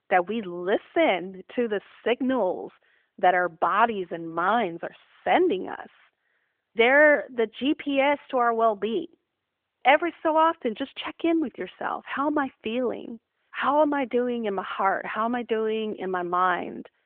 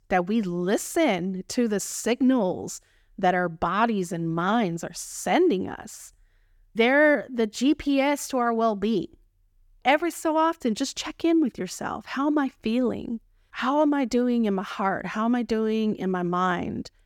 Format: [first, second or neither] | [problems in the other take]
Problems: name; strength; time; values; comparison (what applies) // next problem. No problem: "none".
second | phone-call audio; nothing above 3 kHz